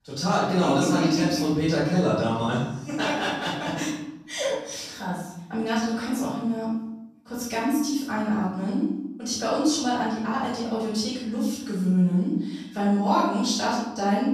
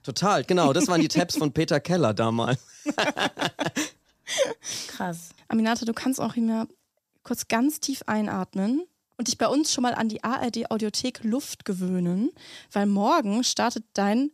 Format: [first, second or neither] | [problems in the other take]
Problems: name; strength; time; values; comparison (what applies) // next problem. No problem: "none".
second | off-mic speech; far // room echo; noticeable; dies away in 0.8 s